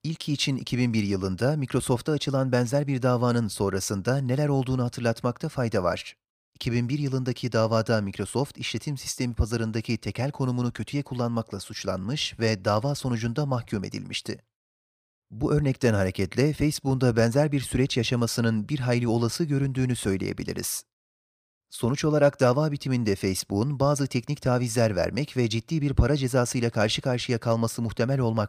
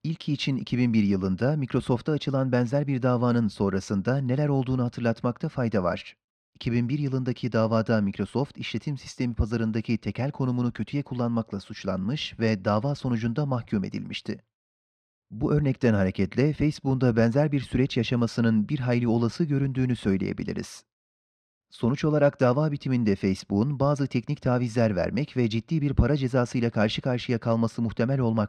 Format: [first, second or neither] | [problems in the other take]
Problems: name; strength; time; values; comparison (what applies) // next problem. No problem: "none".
first | muffled; very slightly; fading above 3.5 kHz